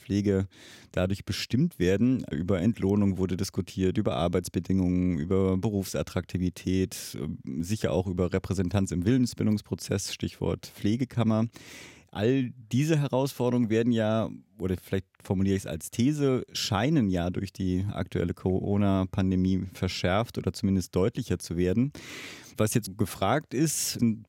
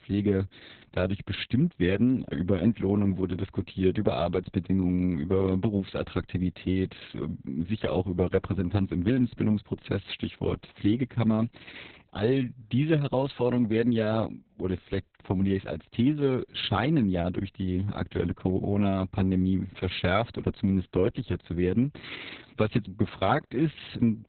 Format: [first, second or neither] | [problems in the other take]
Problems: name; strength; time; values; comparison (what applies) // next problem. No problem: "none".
first | garbled, watery; badly; nothing above 4 kHz